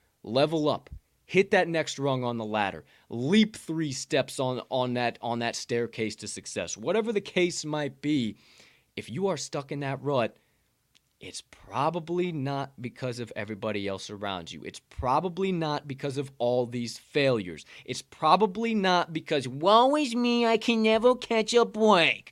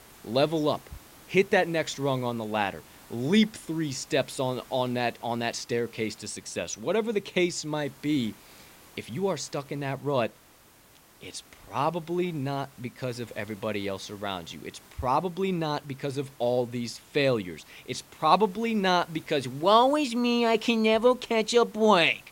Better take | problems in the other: first | hiss; faint; throughout; 25 dB below the speech

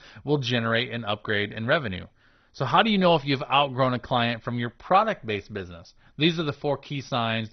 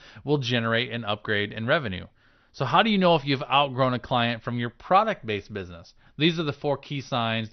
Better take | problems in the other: second | garbled, watery; badly; nothing above 6 kHz; slightly in the second

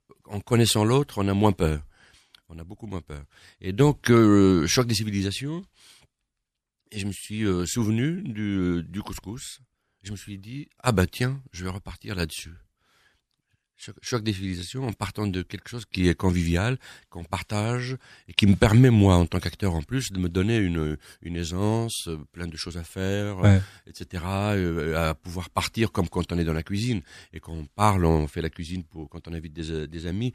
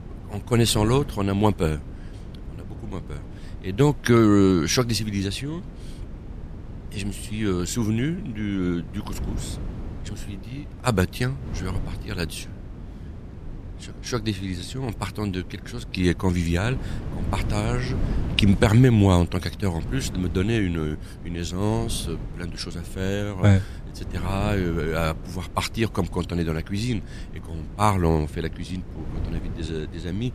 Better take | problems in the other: first | wind noise on the microphone; occasional gusts; 15 dB below the speech

